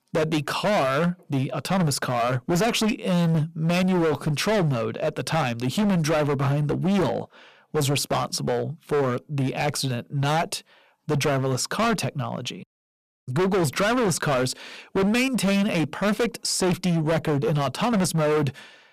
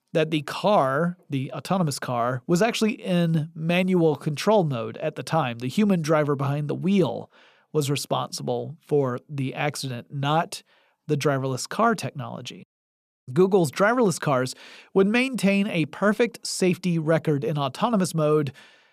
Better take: second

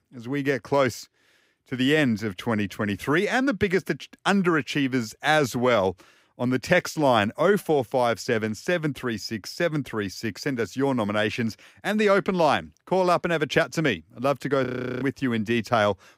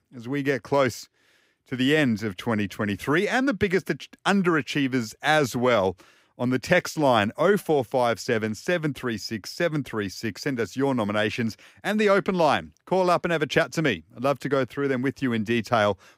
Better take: second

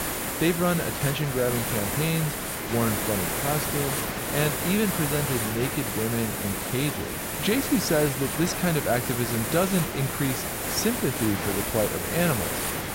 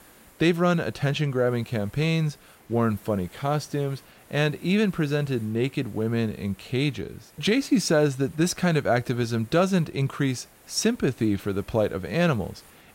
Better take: second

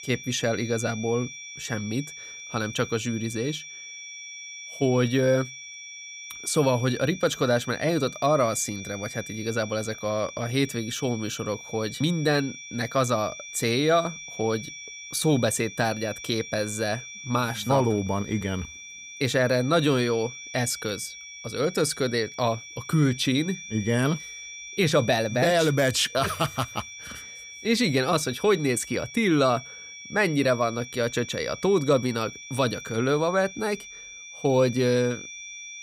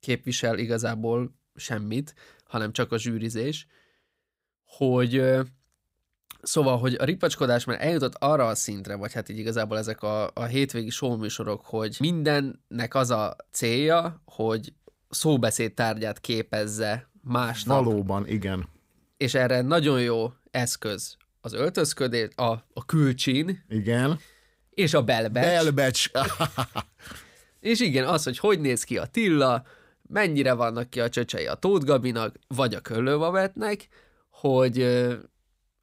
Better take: second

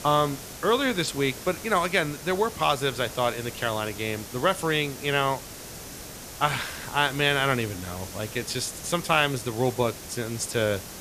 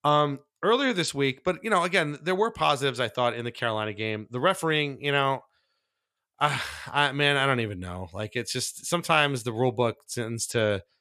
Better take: second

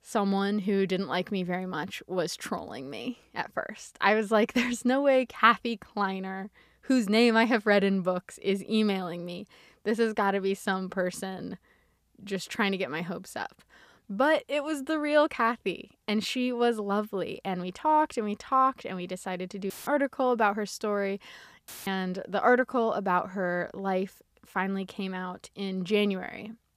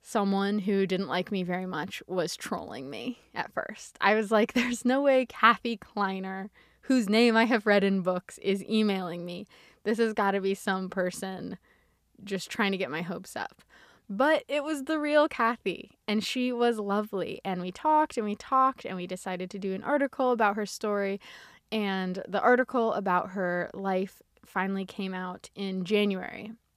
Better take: second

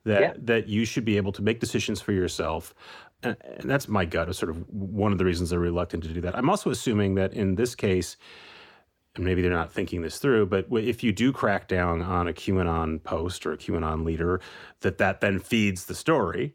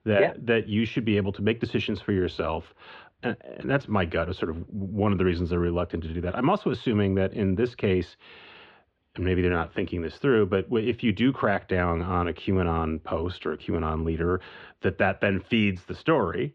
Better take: first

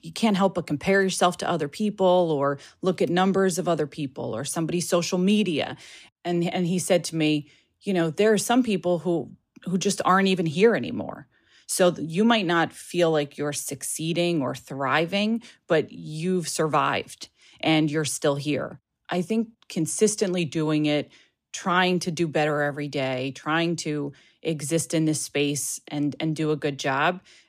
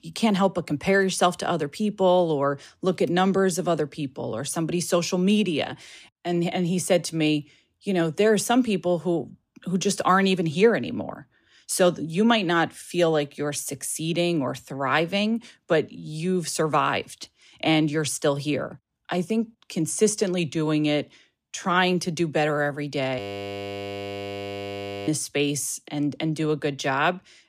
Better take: first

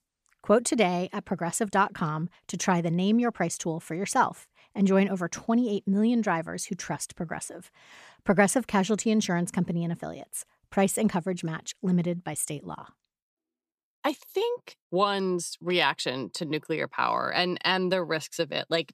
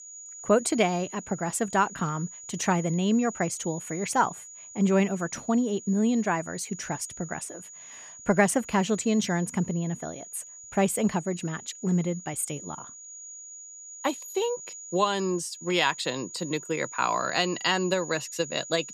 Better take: first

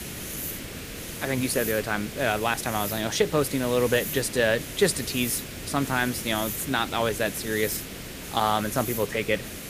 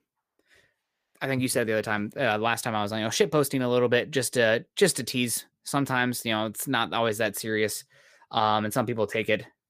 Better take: second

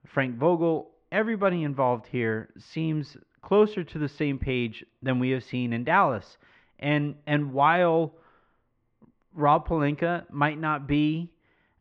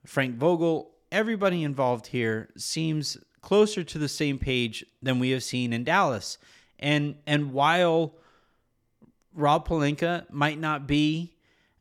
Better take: second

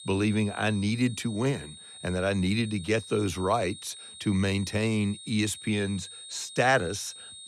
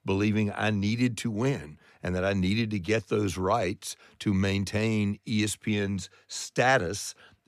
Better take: second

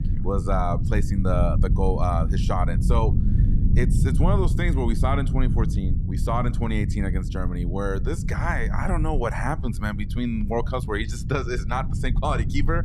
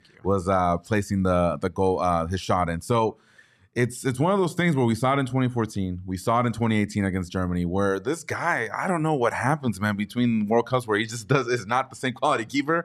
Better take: second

